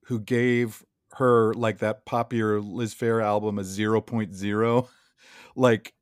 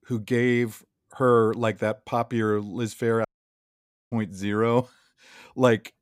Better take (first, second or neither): first